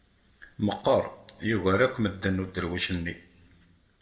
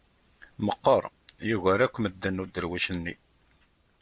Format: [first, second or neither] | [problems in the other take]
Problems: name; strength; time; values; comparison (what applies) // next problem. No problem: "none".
second | room echo; dies away in 0.5 s